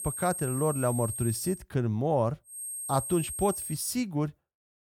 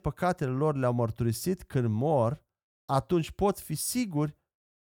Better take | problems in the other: second | high-pitched whine; loud; until 1.5 s and from 2.5 to 4 s; 8.5 kHz, 5 dB below the speech

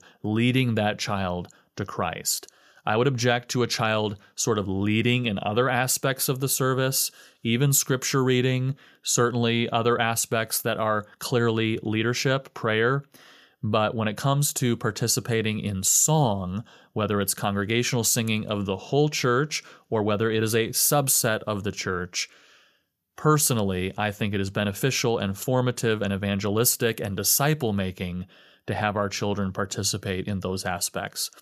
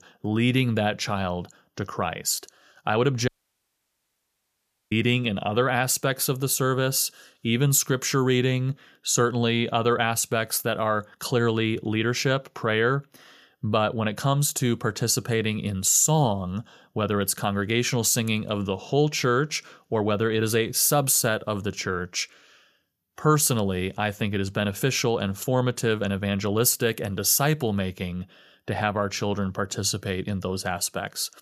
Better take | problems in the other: first | audio cutting out; at 3.5 s for 1.5 s

